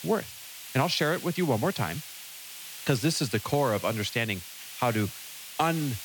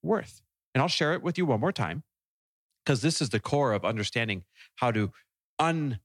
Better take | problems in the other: second | hiss; noticeable; throughout; 10 dB below the speech

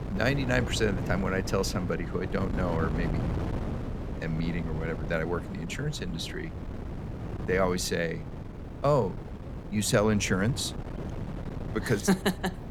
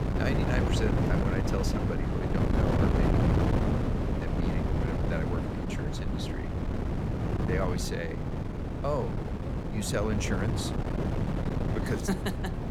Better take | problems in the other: first | wind noise on the microphone; heavy; 1 dB above the speech; occasional gusts in the first

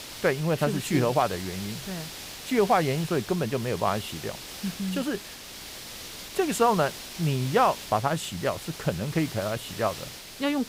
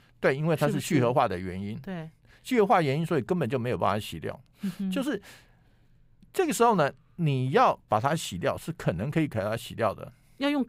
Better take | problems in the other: second | hiss; noticeable; throughout; 10 dB below the speech

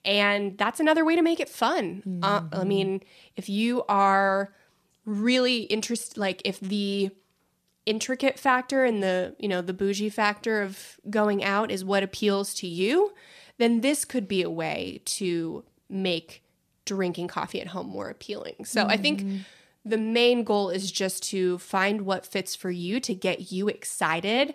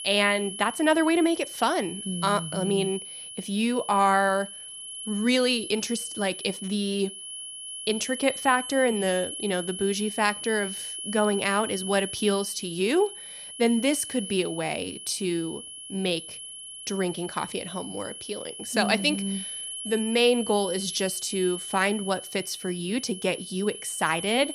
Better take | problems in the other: first | high-pitched whine; loud; throughout; 3 kHz, 9 dB below the speech

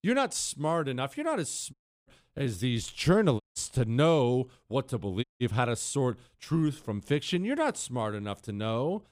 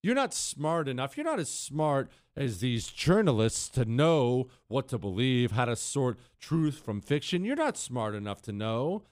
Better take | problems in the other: second | audio cutting out; at 1.5 s, at 3.5 s and at 5 s

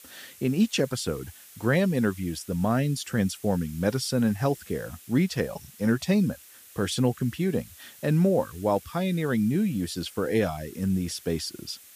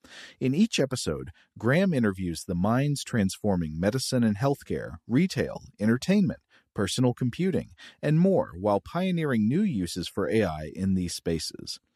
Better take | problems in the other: second | hiss; faint; throughout; 20 dB below the speech

